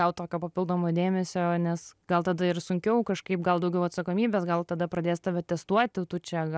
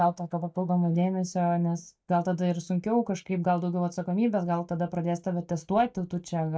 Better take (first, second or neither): first